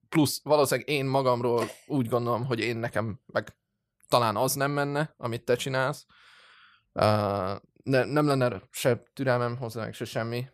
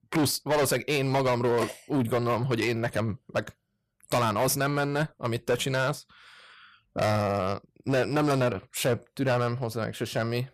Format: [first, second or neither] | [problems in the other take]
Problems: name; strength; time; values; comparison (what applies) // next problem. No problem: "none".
first | distortion; heavy; 13% of the sound clipped